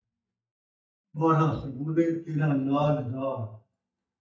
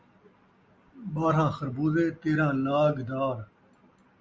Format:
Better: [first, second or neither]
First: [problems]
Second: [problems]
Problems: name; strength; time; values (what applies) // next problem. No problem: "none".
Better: second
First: noise reduction (neural mask model DeepFilterNet 3)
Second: none